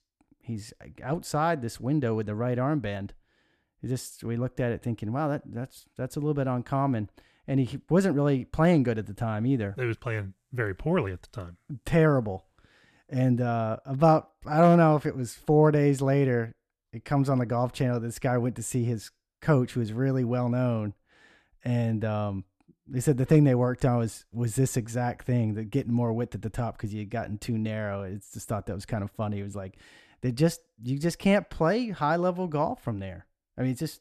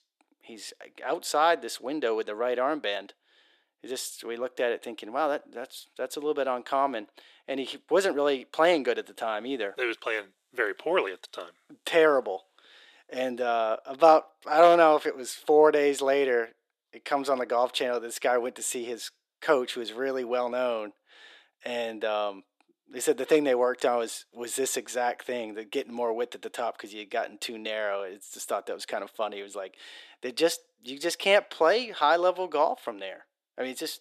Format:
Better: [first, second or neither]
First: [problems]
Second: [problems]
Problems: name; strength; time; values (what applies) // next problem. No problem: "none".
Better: first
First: none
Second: thin; very; fading below 400 Hz